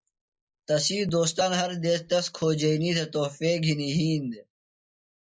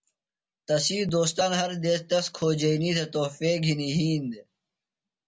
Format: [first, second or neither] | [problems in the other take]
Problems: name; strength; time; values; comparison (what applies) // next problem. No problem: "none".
second | noise reduction (neural mask model Resemble Enhance denoiser)